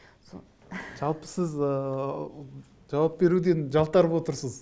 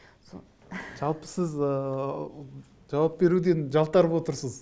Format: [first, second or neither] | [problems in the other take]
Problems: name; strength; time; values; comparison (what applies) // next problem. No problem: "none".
second | background sound (Thump, thud); 18 dB below the speech